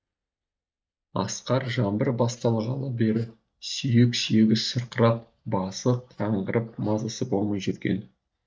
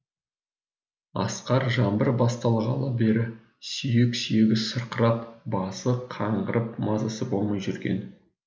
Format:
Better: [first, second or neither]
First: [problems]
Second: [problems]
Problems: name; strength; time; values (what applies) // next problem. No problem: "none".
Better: second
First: noise reduction (neural mask model DeepFilterNet 3)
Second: none